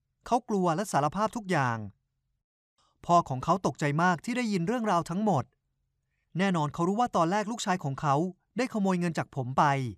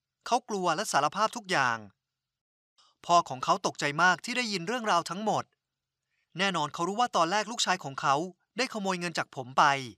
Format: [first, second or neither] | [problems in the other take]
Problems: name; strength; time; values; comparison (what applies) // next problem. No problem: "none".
first | thin; somewhat; fading below 500 Hz